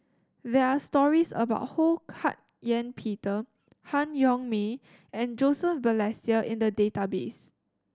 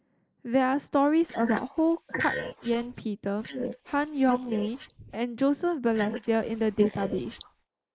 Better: first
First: none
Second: noise reduction (neural mask model Resemble Enhance denoiser)

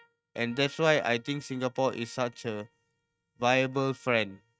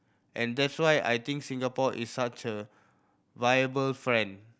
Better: second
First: noise reduction (neural mask model RNNoise)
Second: none

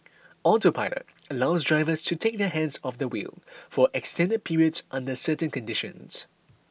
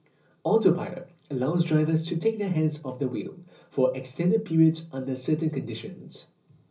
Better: first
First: none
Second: room echo; dies away in 0.5 s

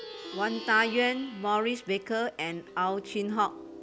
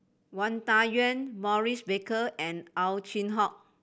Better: second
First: background sound (Plucked string instrument); 14 dB below the speech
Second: none

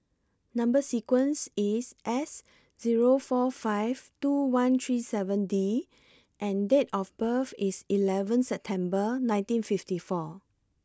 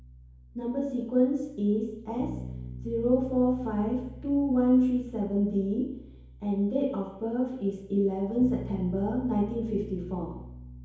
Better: first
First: none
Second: background sound (Bass guitar); 14 dB below the speech // room echo; dies away in 2.2 s

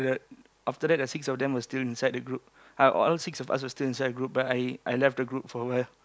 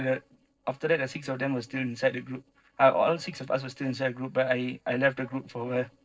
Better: first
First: none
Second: noise reduction (neural separator model SepFormer DNS4)

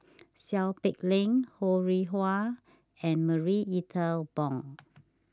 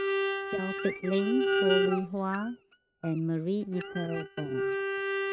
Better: first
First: none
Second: noise reduction (neural mask model RNNoise)

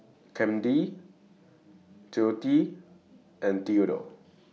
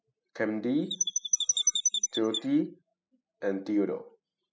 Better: first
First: none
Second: noise reduction (classical method spectral subtraction)

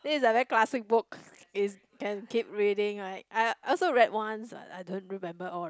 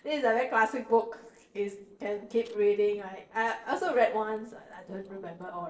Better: first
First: none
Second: noise reduction (neural separator model SepFormer DNS4)

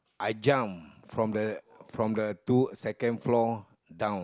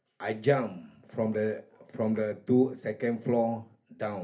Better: first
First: none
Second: room echo; dies away in 0.3 s

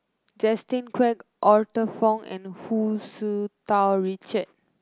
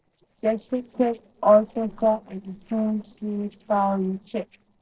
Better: first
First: none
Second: noise reduction (neural separator model SepFormer DNS4)

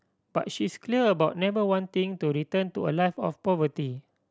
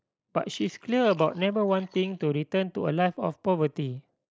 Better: first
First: none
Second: noise reduction (neural mask model Resemble Enhance denoiser)

